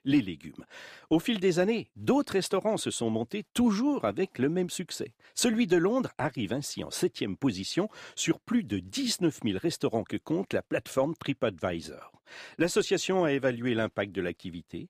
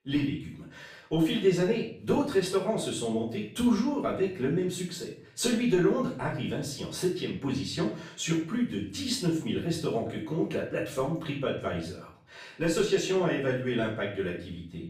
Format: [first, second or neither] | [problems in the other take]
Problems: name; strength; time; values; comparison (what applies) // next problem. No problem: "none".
first | room echo; noticeable; dies away in 0.5 s // off-mic speech; far